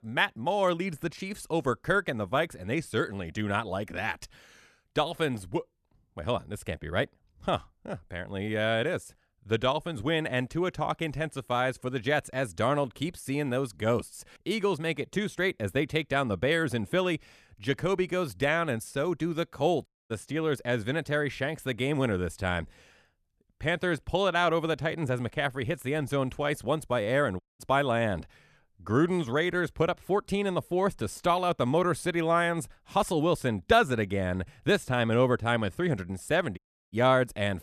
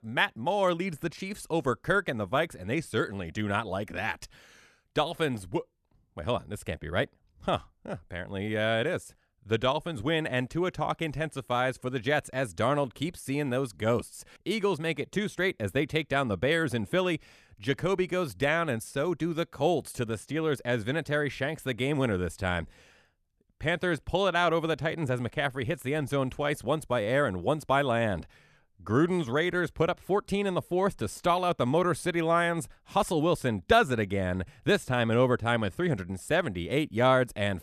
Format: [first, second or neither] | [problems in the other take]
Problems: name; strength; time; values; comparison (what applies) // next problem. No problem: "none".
second | audio cutting out; at 20 s, at 27 s and at 37 s